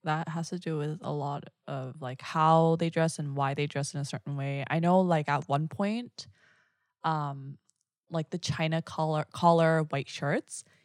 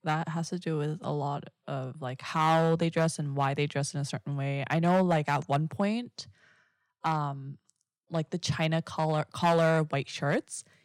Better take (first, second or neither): first